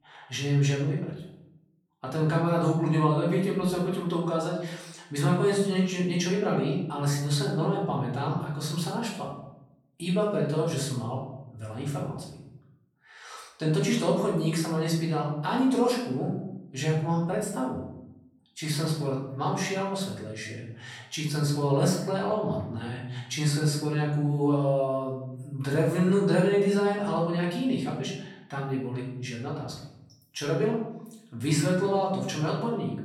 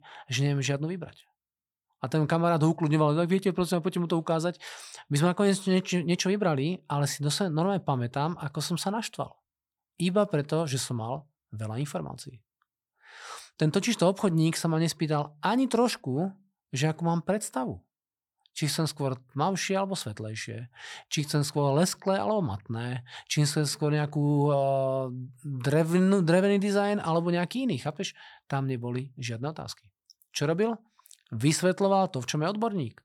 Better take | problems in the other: second | room echo; noticeable; dies away in 0.7 s // off-mic speech; far

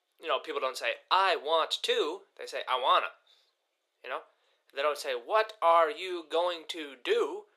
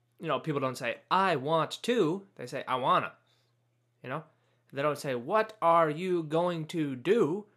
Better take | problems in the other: second | thin; very; fading below 400 Hz

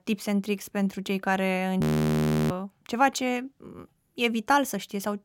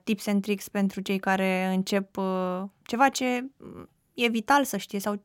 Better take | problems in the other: second | audio freezing; at 2 s for 0.5 s

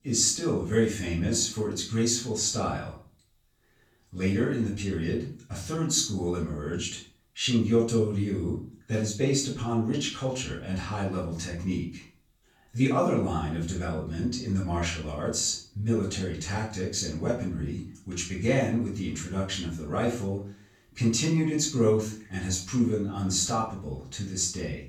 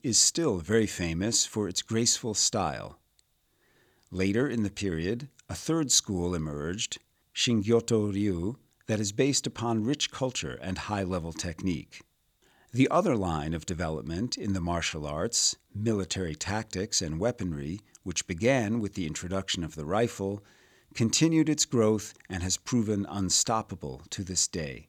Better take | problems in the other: second | room echo; noticeable; dies away in 0.4 s // off-mic speech; far

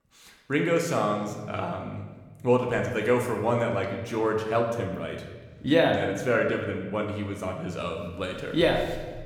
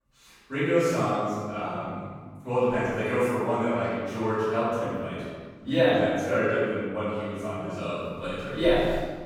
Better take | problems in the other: first | room echo; strong; dies away in 1.4 s; slight in the first // off-mic speech; far

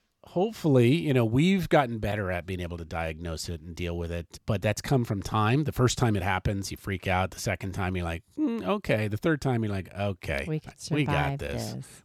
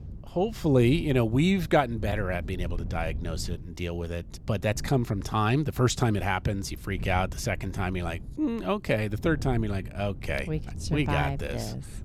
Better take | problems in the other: first | wind noise on the microphone; occasional gusts; 20 dB below the speech

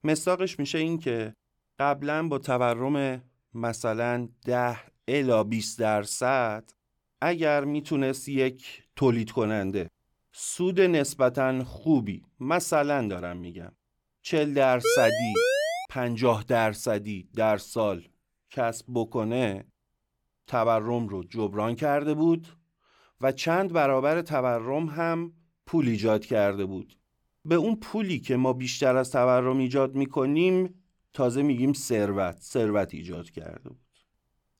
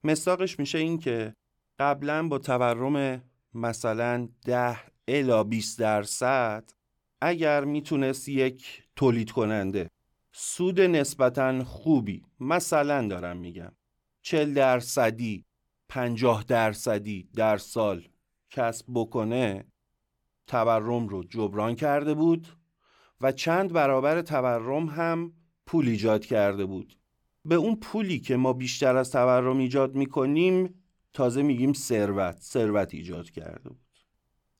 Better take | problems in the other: second | siren; loud; from 15 to 16 s; peak 3 dB above the speech

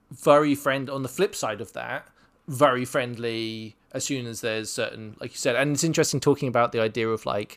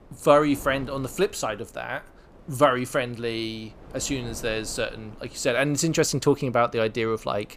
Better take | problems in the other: first | wind noise on the microphone; occasional gusts; 25 dB below the speech

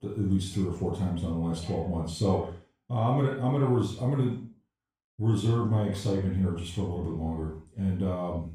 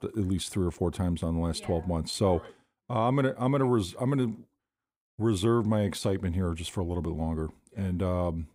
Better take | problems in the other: second | room echo; noticeable; dies away in 0.4 s // off-mic speech; far

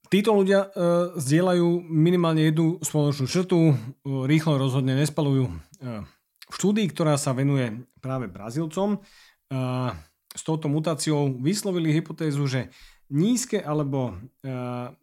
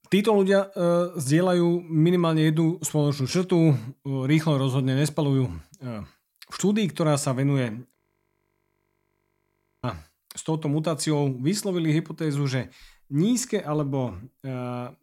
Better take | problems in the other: first | audio freezing; at 8 s for 2 s

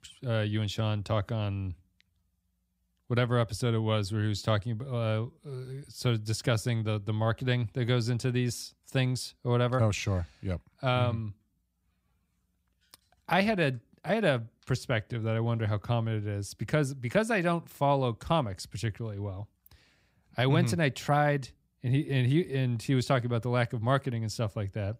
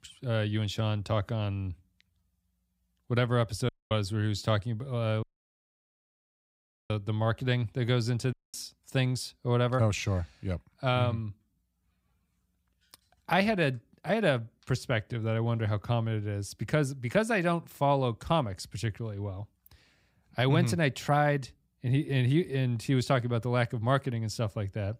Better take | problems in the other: first | audio cutting out; at 3.5 s, at 5 s for 1.5 s and at 8.5 s

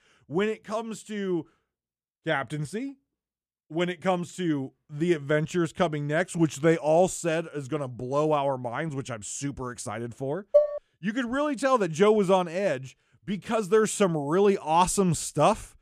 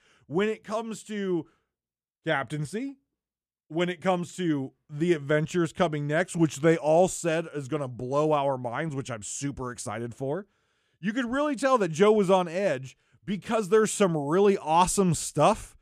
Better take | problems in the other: second | clattering dishes; loud; at 11 s; peak 3 dB above the speech

